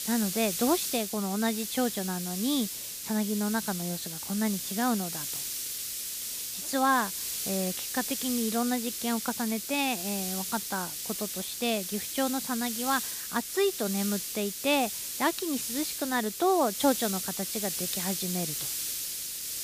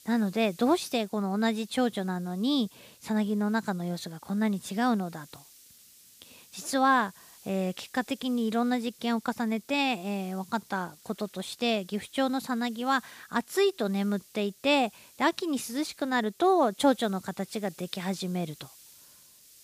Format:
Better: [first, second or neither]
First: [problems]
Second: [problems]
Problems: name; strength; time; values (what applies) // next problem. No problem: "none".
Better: second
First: hiss; loud; throughout; 2 dB below the speech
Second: hiss; faint; throughout; 25 dB below the speech